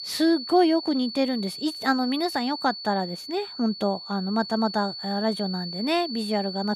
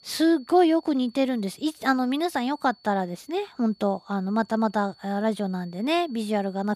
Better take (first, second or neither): second